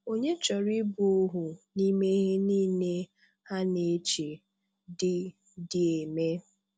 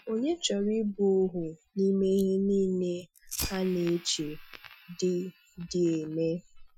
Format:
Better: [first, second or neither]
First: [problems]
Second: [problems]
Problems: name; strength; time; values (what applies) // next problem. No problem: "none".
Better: first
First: none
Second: noise reduction (classical method Wiener filter)